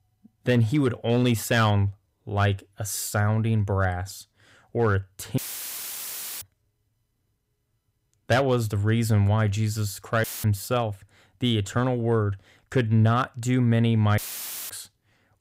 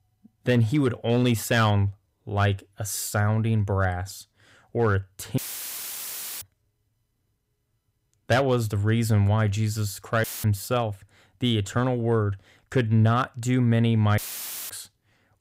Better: neither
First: audio cutting out; filled with static; at 5.5 s for 1 s, at 10 s and at 14 s for 0.5 s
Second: audio cutting out; filled with static; at 5.5 s for 1 s, at 10 s and at 14 s for 0.5 s

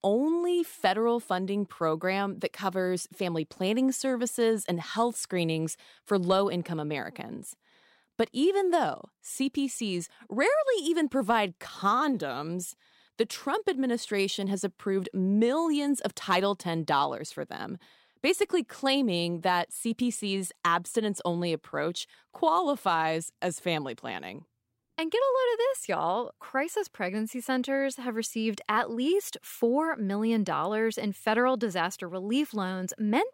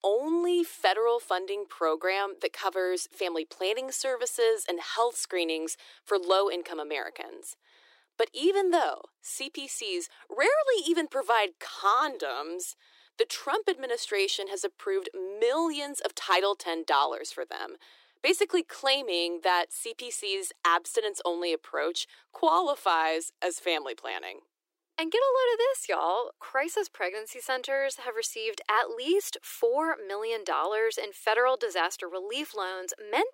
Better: first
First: none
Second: thin; very; fading below 350 Hz

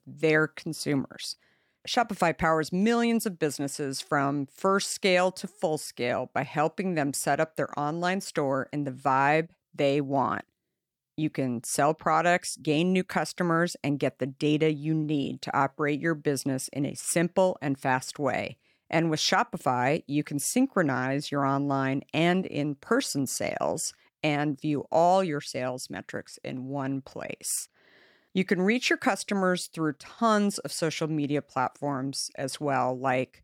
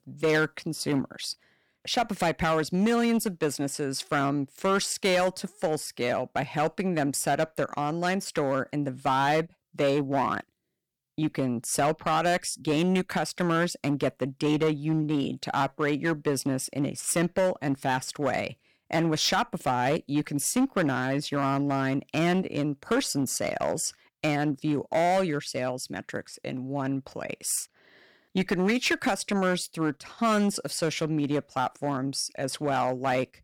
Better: first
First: none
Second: distortion; slight; 6% of the sound clipped

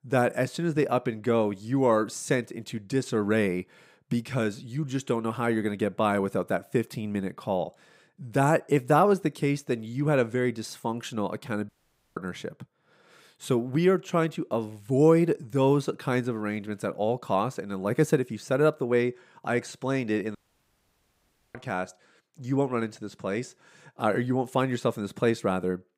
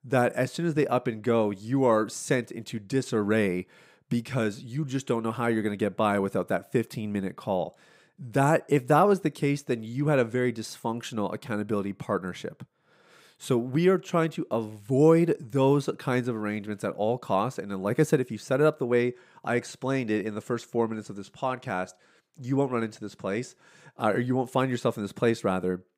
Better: second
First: audio cutting out; at 12 s and at 20 s for 1 s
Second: none

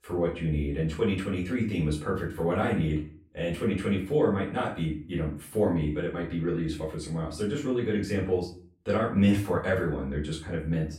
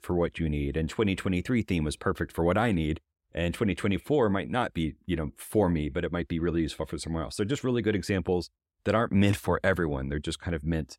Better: second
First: off-mic speech; far // room echo; slight; dies away in 0.4 s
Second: none

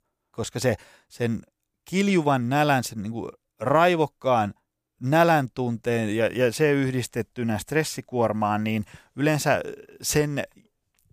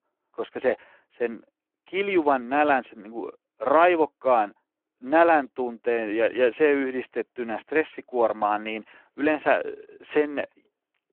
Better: first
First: none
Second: phone-call audio

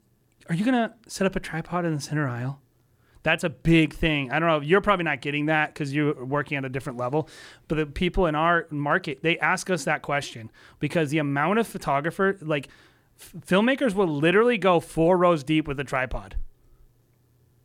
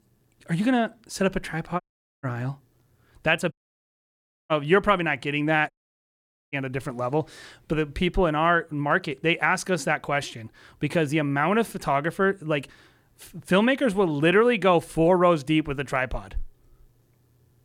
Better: first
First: none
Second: audio cutting out; at 2 s, at 3.5 s for 1 s and at 5.5 s for 1 s

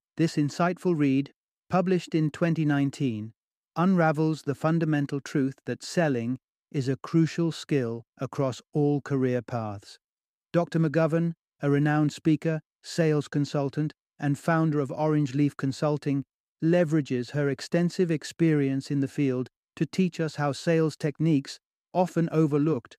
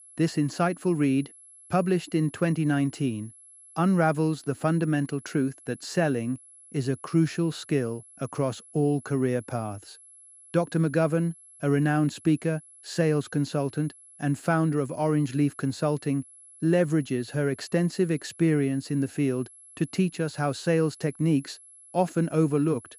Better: first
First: none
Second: high-pitched whine; faint; throughout; 11 kHz, 20 dB below the speech

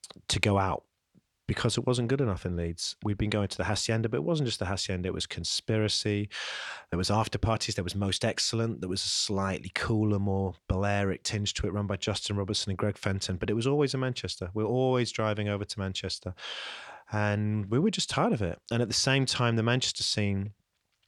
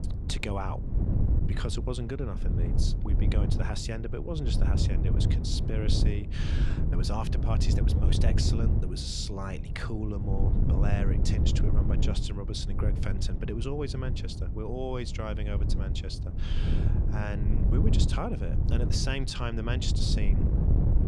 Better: first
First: none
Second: wind noise on the microphone; heavy; 4 dB below the speech

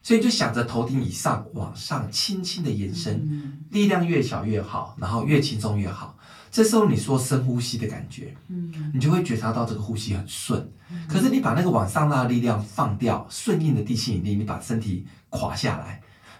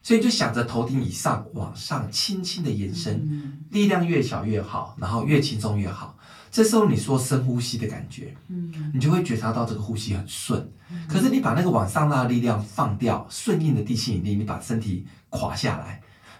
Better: neither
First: off-mic speech; far // room echo; very slight; dies away in 0.2 s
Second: off-mic speech; far // room echo; very slight; dies away in 0.2 s

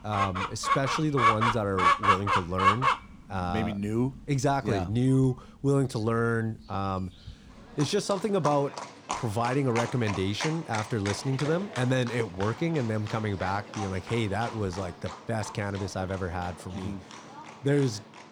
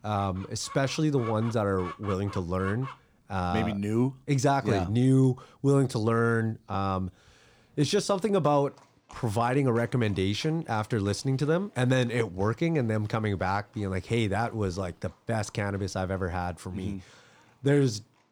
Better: second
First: animal sounds; loud; throughout; 1 dB below the speech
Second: animal sounds; faint; throughout; 20 dB below the speech

